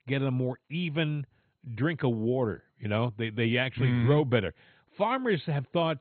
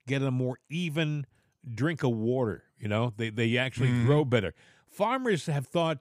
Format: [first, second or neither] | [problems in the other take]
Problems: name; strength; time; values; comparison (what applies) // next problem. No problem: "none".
second | garbled, watery; badly; nothing above 3.5 kHz